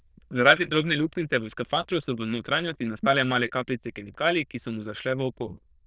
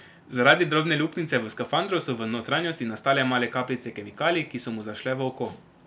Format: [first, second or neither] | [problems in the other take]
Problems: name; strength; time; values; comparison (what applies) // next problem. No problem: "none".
second | noise reduction (neural diffusion model UNIVERSE++)